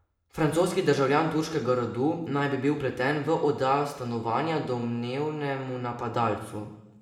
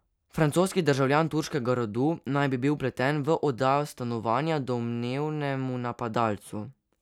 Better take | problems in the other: second | room echo; dies away in 0.8 s

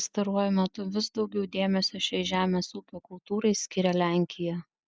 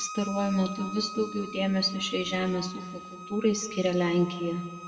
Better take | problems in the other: first | background sound (Bowed string instrument); 13 dB below the speech // room echo; dies away in 1.6 s

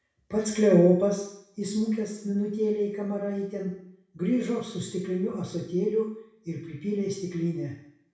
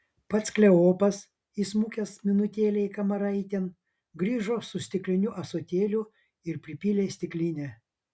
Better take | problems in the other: second | room echo; dies away in 0.7 s

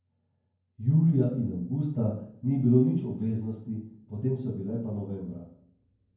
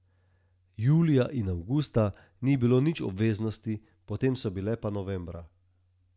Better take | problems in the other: second | room echo; dies away in 0.9 s

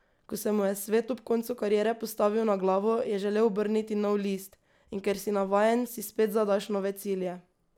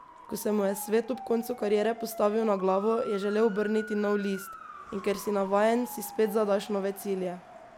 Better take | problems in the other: first | background sound (Motor vehicle (road) / Siren); 16 dB below the speech

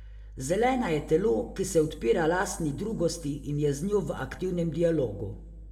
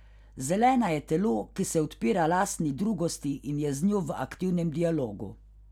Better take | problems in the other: second | room echo; dies away in 0.9 s

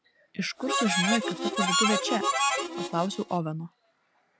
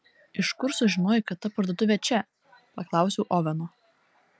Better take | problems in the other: second | background sound (Harmonica); 3 dB above the speech

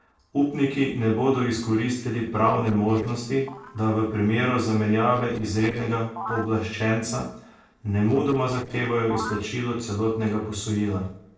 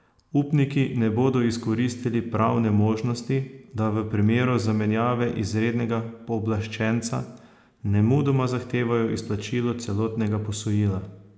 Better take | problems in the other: second | noise reduction (neural separator model SepFormer DNS4)

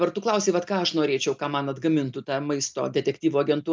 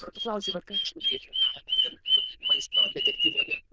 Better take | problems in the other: first | noise reduction (neural diffusion model UNIVERSE++)

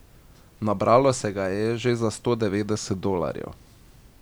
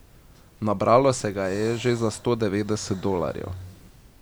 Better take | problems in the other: first | background sound (Breathing); 19 dB below the speech

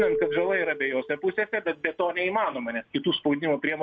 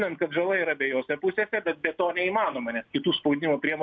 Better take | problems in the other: second | background sound (Marimba, xylophone); 7 dB below the speech

